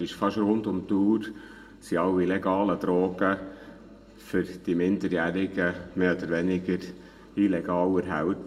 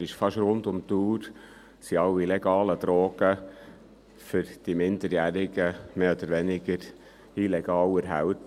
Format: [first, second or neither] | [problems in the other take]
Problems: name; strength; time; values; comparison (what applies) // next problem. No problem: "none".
second | room echo; dies away in 0.9 s